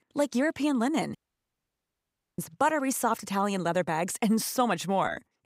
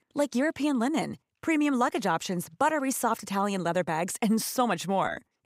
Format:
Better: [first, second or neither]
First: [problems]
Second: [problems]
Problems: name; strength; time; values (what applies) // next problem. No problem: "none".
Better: second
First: audio cutting out; at 1 s for 1 s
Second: none